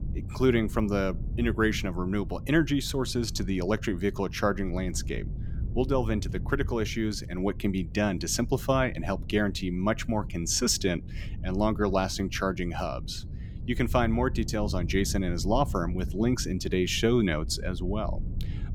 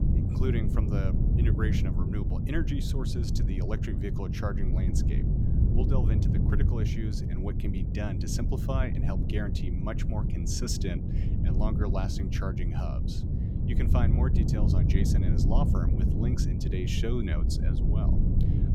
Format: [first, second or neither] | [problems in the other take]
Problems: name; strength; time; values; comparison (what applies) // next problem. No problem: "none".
first | wind noise on the microphone; heavy; 1 dB below the speech; occasional gusts in the first